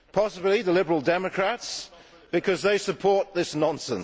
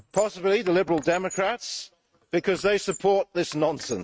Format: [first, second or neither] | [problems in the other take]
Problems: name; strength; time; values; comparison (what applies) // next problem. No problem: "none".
first | noise reduction (neural mask model RNNoise)